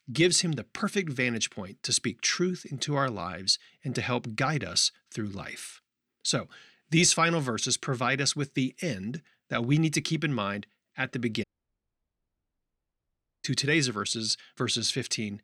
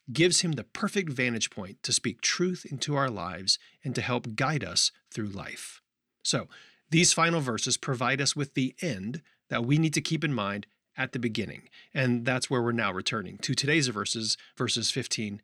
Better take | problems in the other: second | audio cutting out; at 11 s for 2 s

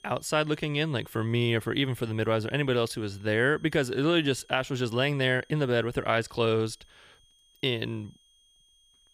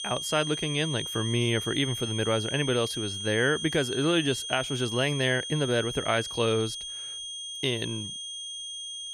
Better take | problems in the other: first | high-pitched whine; loud; throughout; 3.5 kHz, 5 dB below the speech; faint in the first

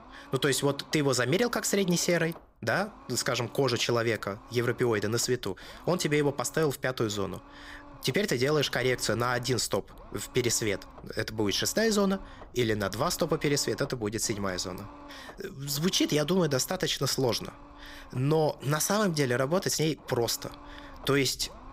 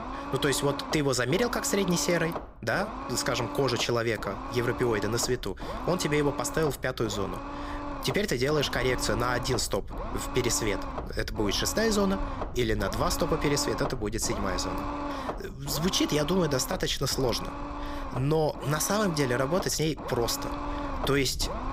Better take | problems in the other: first | low rumble; loud; throughout; 7 dB below the speech; faint in the first

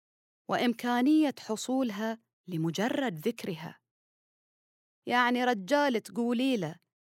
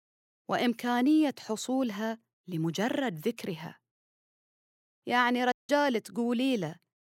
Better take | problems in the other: first | audio cutting out; at 5.5 s

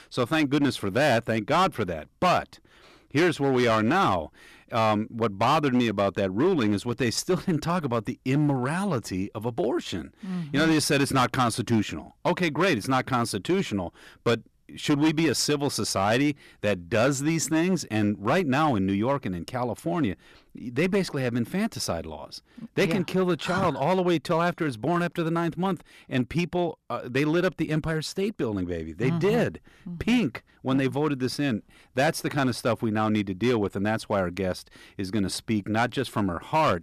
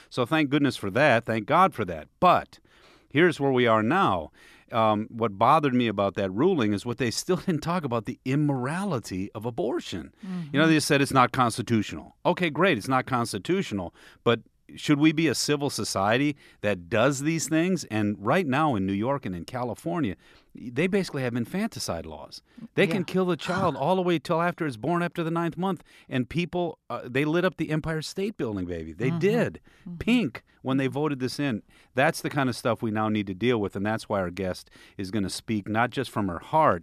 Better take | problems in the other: second | distortion; slight; 6% of the sound clipped

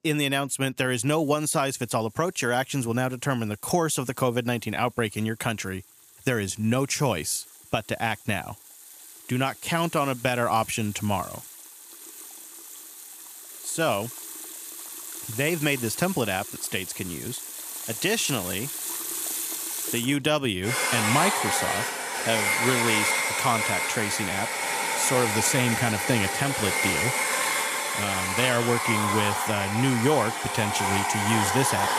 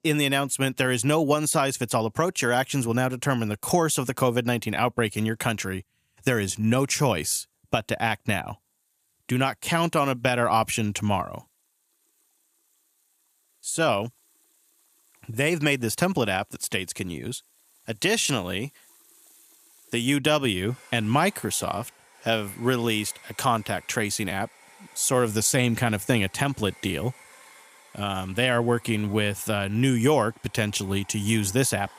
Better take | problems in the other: second | household noises; loud; throughout; as loud as the speech; faint in the second

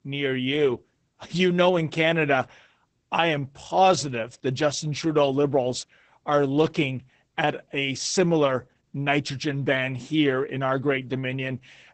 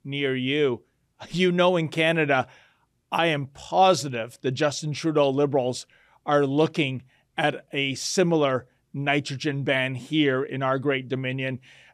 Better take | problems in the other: second | garbled, watery; badly; nothing above 8 kHz

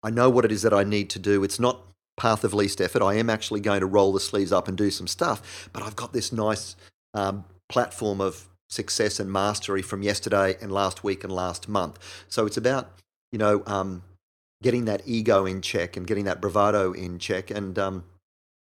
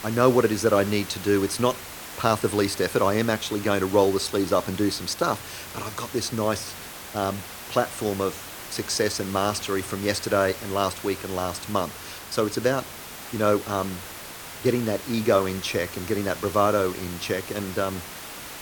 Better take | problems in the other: first | hiss; noticeable; throughout; 10 dB below the speech

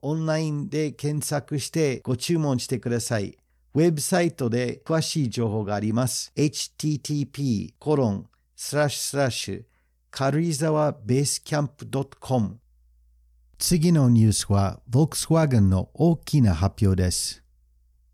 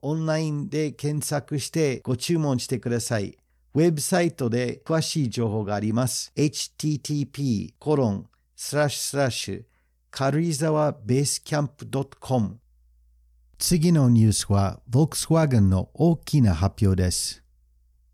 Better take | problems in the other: neither | none

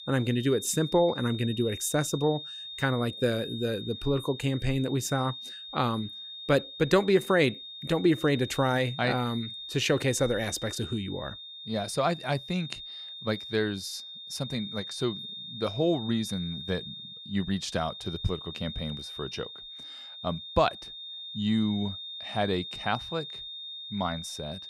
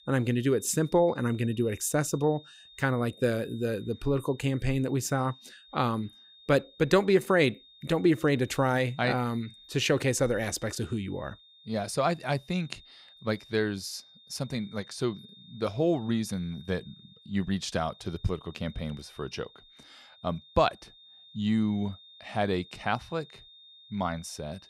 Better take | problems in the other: second | high-pitched whine; loud; throughout; 3.5 kHz, 10 dB below the speech; faint in the second

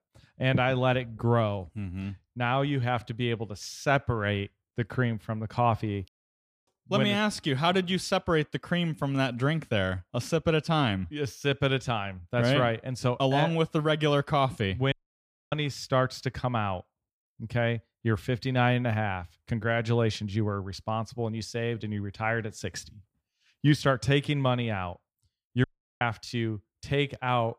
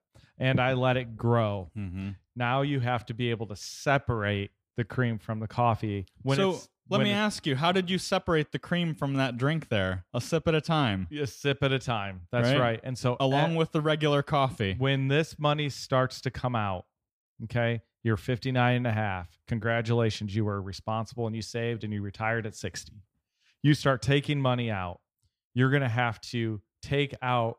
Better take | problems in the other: second | audio cutting out; at 6 s for 0.5 s, at 15 s for 0.5 s and at 26 s

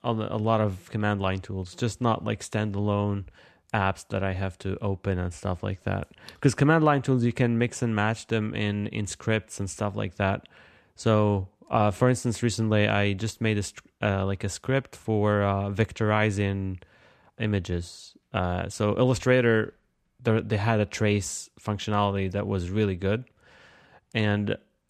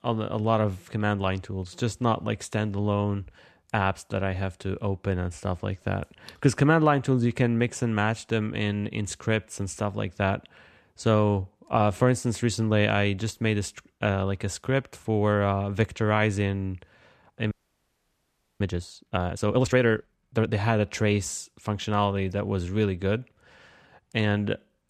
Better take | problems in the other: first | audio freezing; at 18 s for 1 s

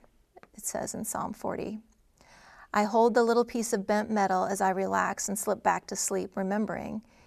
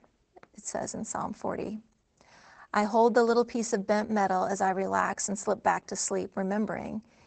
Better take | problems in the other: first | garbled, watery; badly; nothing above 8 kHz

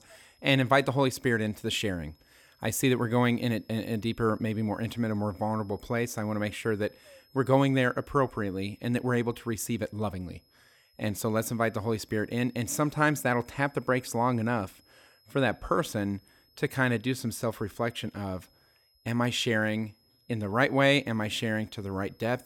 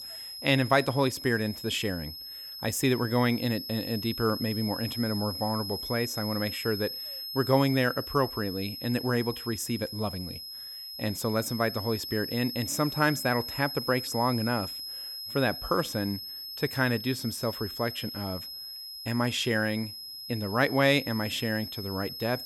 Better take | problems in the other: first | high-pitched whine; loud; throughout; 5 kHz, 7 dB below the speech; faint in the first

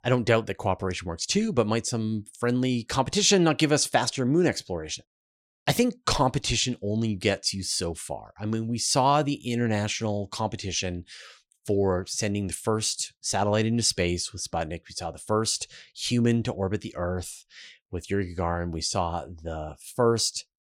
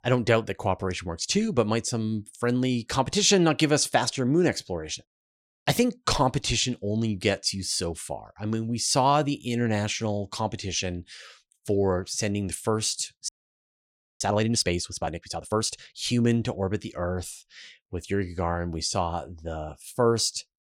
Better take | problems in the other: first | audio freezing; at 13 s for 1 s

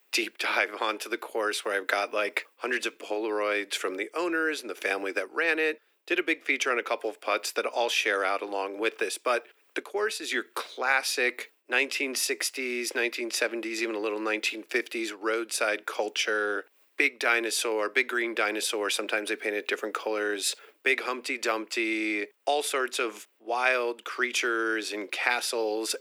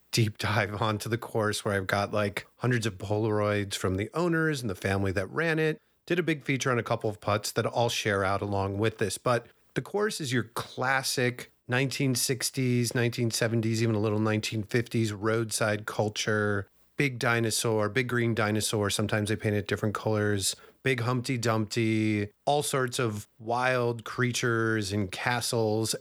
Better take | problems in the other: second | thin; very; fading below 300 Hz

